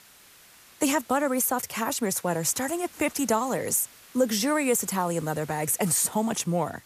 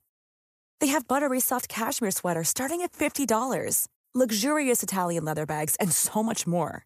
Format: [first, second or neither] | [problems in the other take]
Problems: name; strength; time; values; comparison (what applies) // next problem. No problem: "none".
second | hiss; faint; throughout; 25 dB below the speech